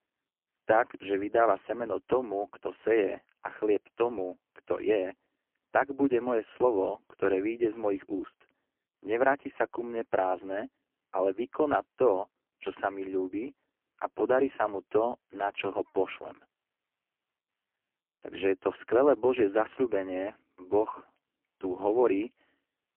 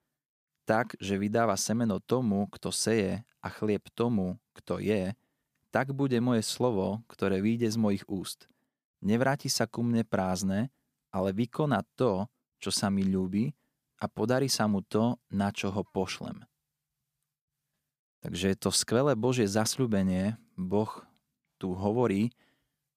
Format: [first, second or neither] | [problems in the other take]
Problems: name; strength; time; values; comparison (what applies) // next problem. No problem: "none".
second | phone-call audio; poor line